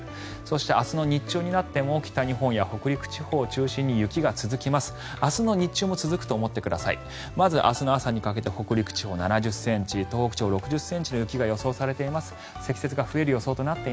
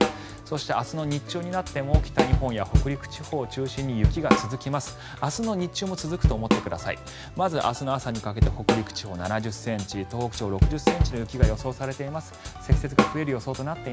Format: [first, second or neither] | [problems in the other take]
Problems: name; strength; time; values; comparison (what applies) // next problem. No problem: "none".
first | background sound (Drum / Drum kit); 2 dB above the speech